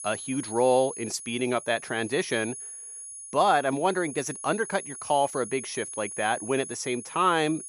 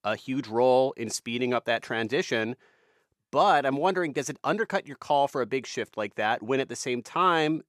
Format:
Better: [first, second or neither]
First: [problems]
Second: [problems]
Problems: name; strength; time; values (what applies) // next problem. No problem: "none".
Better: second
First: high-pitched whine; noticeable; throughout; 10 kHz, 10 dB below the speech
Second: none